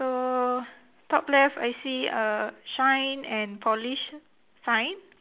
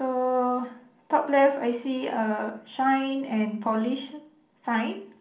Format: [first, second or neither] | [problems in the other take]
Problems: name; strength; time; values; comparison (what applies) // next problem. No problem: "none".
first | room echo; dies away in 0.6 s